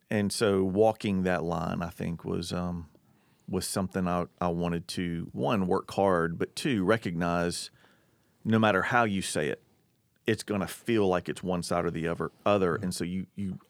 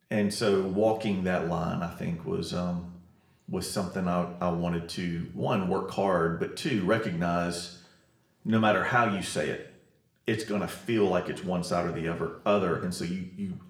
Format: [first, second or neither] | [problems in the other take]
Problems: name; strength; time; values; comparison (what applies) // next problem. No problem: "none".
first | room echo; slight; dies away in 0.6 s